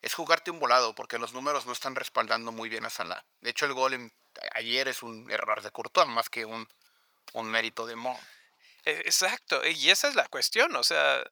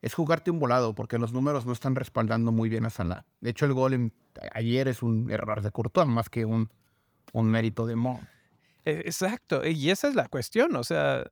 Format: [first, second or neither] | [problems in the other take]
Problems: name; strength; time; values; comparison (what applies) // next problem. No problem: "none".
second | thin; very; fading below 850 Hz